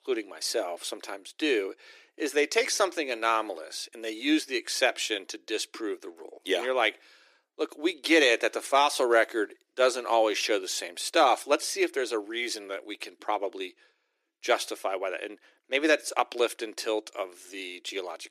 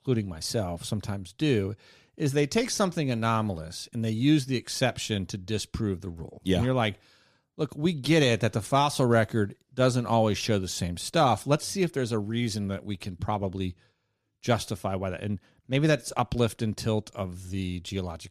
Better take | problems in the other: second | thin; very; fading below 300 Hz

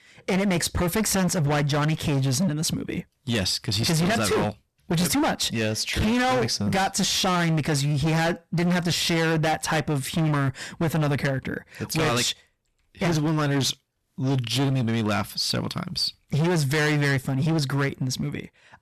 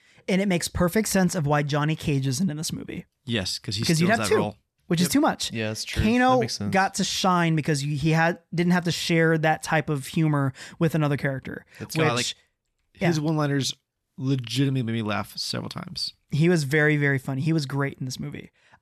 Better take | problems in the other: second | distortion; heavy; 24% of the sound clipped

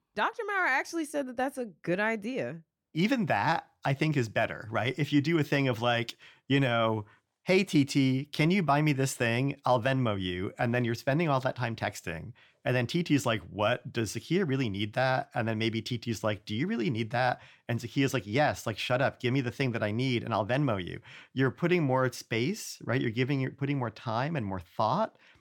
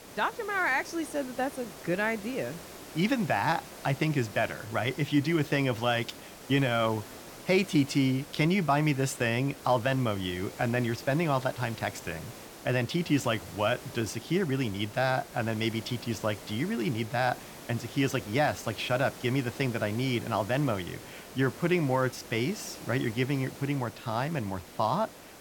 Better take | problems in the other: first | hiss; noticeable; throughout; 15 dB below the speech

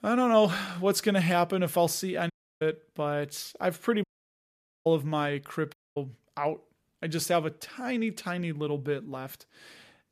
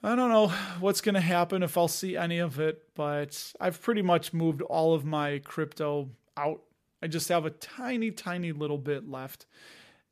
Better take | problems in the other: second | audio cutting out; at 2.5 s, at 4 s for 1 s and at 5.5 s

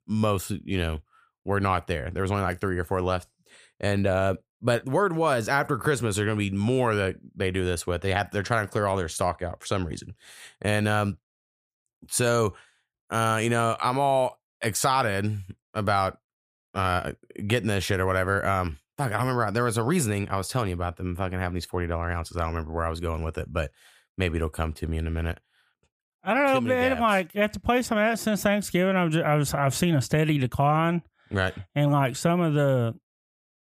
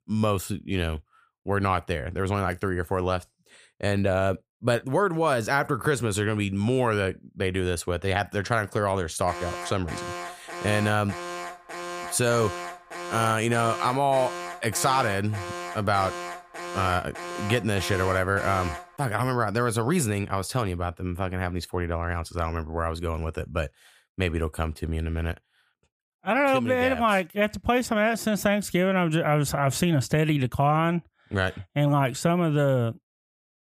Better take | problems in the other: first | alarm; noticeable; from 9.5 to 19 s; peak 8 dB below the speech

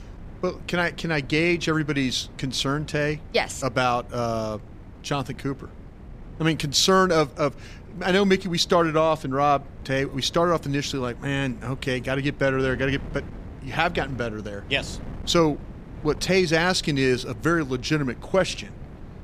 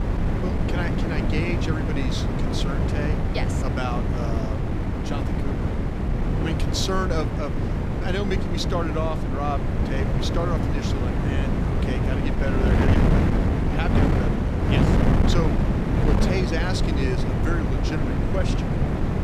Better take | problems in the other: first | wind noise on the microphone; heavy; 1 dB above the speech; occasional gusts in the first

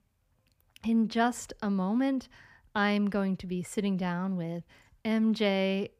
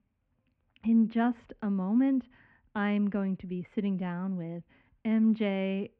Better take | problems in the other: first | muffled; very; fading above 2.5 kHz

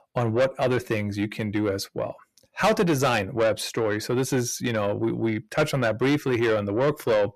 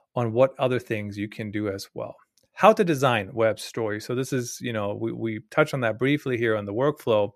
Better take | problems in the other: second | distortion; heavy; 6 dB below the speech

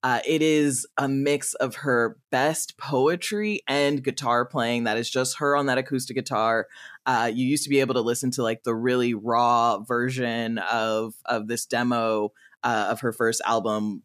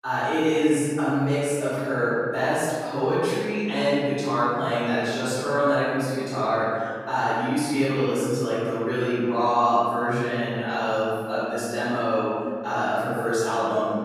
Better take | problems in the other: first | off-mic speech; far // room echo; strong; dies away in 1.9 s

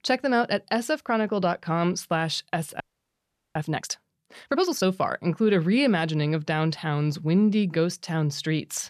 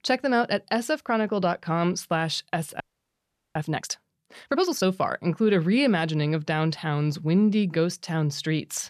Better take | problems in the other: neither | audio freezing; at 3 s for 1 s; the same in both

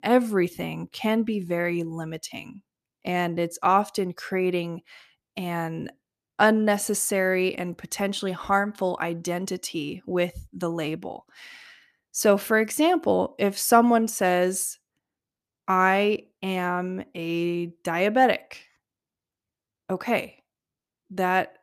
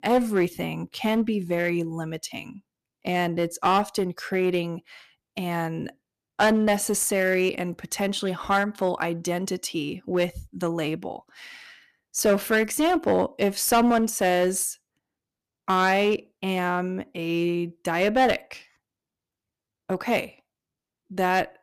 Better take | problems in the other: first | distortion; slight; 4% of the sound clipped

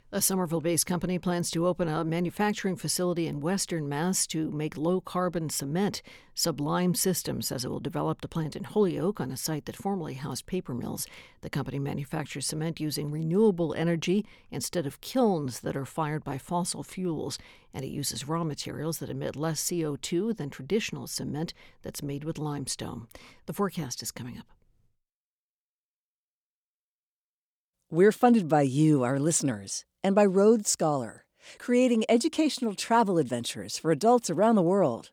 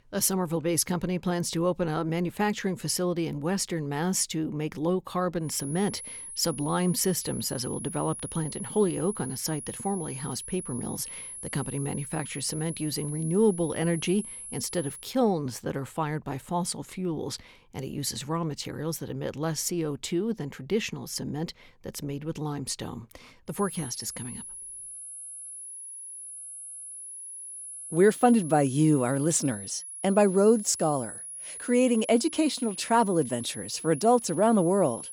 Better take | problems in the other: first | high-pitched whine; loud; from 5.5 to 15 s and from 24 s on; 10.5 kHz, 10 dB below the speech

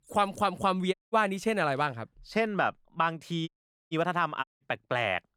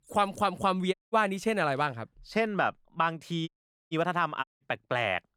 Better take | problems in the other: neither | audio cutting out; at 1 s, at 3.5 s and at 4.5 s; the same in both

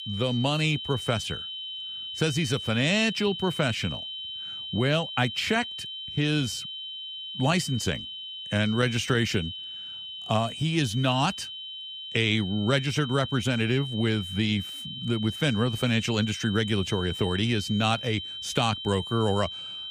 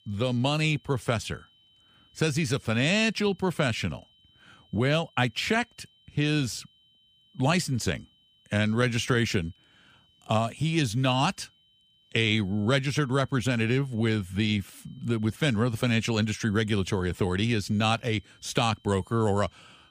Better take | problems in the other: second | high-pitched whine; loud; throughout; 3 kHz, 8 dB below the speech; faint in the second

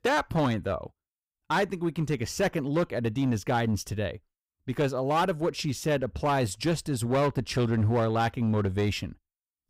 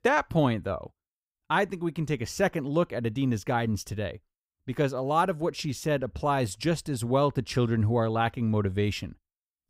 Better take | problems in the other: second | distortion; slight; 8% of the sound clipped

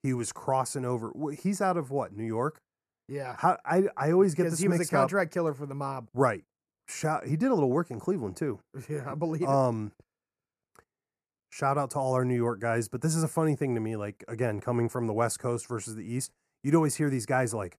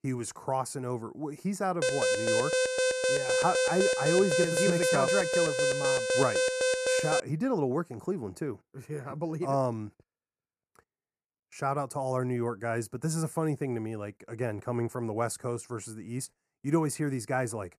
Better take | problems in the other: first | alarm; loud; from 2 to 7 s; peak 6 dB above the speech

